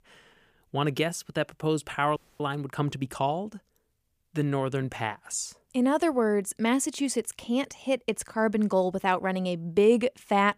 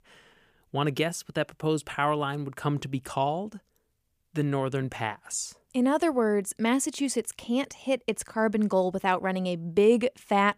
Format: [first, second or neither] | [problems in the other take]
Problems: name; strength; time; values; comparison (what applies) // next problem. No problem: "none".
second | audio freezing; at 2 s